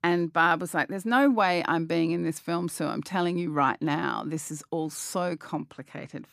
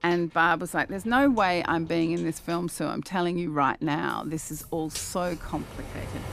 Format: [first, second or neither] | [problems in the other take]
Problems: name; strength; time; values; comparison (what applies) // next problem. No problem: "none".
first | rain or running water; noticeable; throughout; 15 dB below the speech